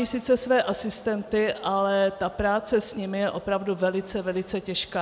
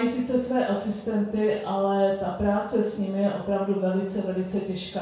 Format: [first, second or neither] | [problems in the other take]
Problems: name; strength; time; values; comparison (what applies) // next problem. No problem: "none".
first | room echo; dies away in 0.6 s